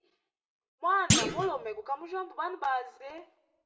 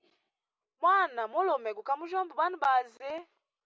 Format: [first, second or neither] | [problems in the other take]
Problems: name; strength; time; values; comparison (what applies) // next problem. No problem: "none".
second | background sound (Thump, thud); 3 dB above the speech // room echo; dies away in 0.4 s